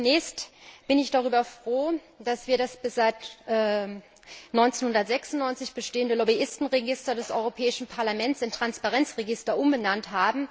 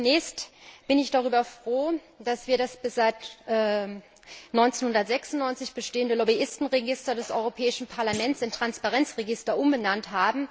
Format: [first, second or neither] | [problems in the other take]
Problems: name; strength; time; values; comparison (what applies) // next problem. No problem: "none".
first | background sound (Thump, thud); 18 dB below the speech